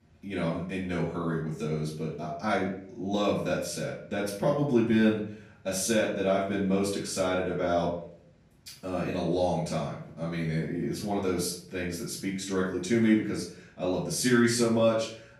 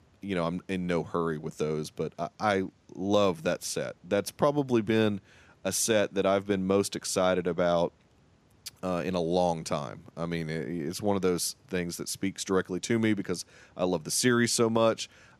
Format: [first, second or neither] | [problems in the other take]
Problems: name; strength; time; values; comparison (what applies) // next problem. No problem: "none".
second | off-mic speech; far // room echo; noticeable; dies away in 0.5 s